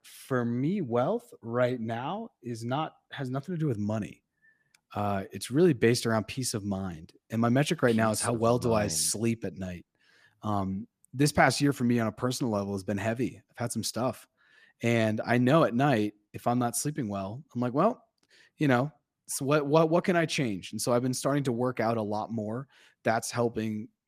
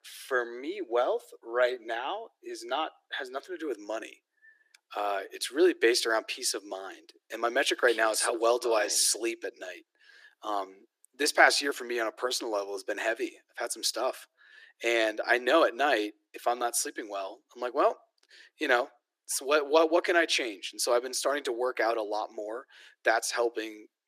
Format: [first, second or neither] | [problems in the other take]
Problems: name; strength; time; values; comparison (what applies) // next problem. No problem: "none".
first | thin; very; fading below 350 Hz